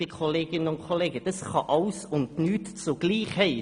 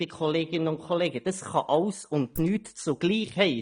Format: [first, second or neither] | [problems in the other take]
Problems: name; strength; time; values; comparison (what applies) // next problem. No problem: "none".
first | noise reduction (neural mask model DeepFilterNet 3)